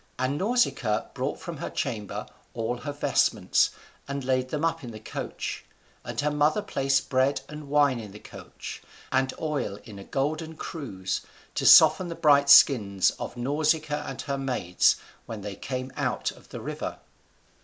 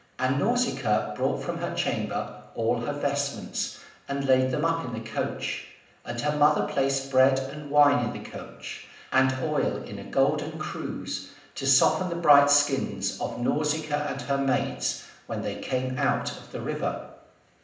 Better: first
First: none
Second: room echo; dies away in 0.8 s

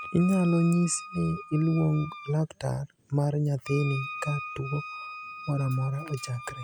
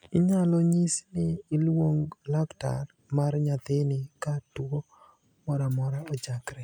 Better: second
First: background sound (Wind instrument, woodwind instrument); 13 dB below the speech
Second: none

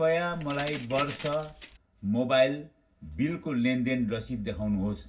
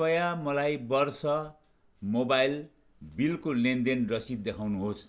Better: second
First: background sound (Keys jangling); 13 dB below the speech // room echo; dies away in 0.4 s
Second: none

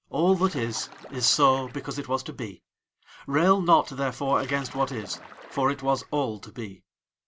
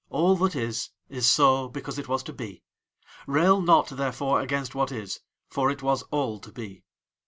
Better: second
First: background sound (Splash, splatter); 20 dB below the speech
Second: none

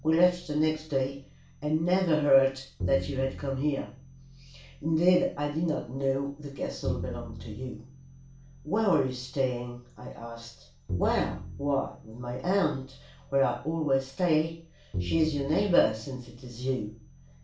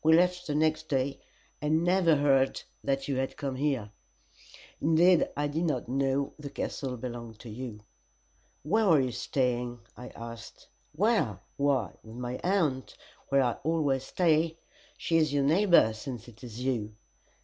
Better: second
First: background sound (Bowed string instrument); 12 dB below the speech // room echo; dies away in 0.3 s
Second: none

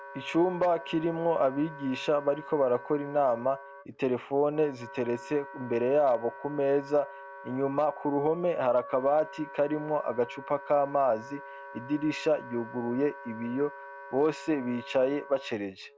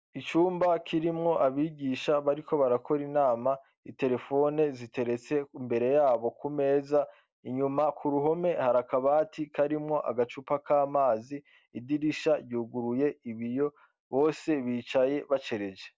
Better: second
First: background sound (Wind instrument, woodwind instrument); 16 dB below the speech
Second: none

